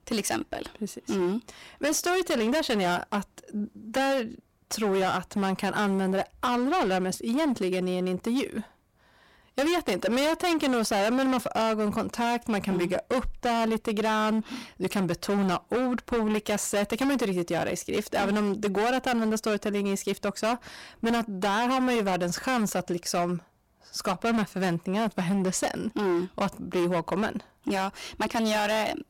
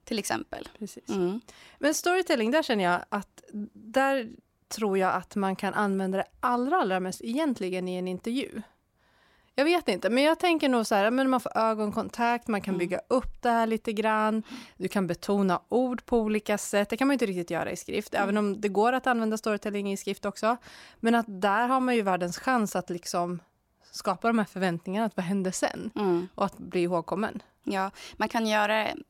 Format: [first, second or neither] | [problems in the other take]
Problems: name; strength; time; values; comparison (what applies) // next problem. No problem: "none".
second | distortion; heavy; 20% of the sound clipped